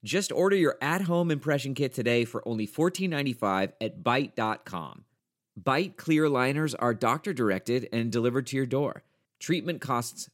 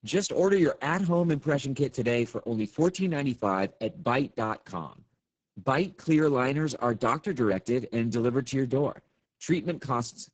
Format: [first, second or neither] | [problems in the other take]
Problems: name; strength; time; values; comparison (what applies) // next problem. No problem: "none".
first | garbled, watery; badly; nothing above 7.5 kHz